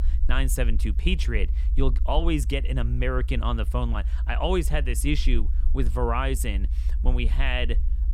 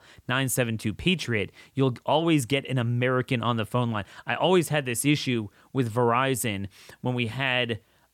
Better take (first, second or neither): second